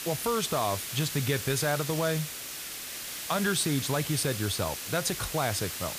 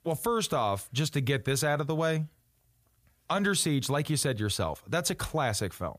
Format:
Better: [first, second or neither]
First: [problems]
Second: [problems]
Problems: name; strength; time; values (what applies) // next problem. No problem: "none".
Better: second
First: hiss; loud; throughout; 5 dB below the speech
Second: none